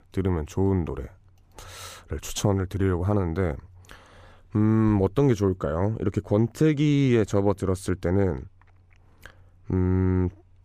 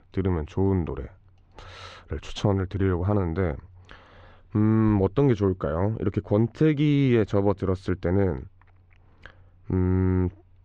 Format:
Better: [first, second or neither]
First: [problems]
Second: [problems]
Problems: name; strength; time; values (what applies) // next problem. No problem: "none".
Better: first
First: none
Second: muffled; slightly; fading above 4 kHz